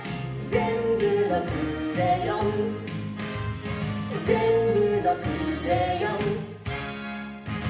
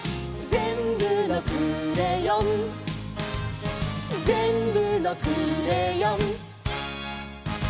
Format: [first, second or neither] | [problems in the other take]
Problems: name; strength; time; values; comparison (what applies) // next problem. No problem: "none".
second | room echo; dies away in 0.8 s